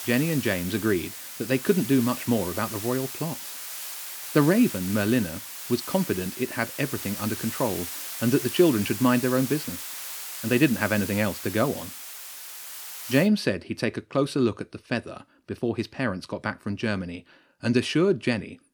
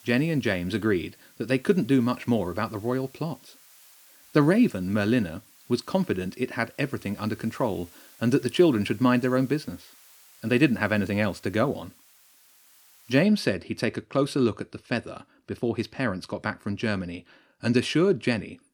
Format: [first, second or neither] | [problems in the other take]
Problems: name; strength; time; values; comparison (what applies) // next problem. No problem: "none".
second | hiss; loud; until 13 s; 8 dB below the speech; faint in the second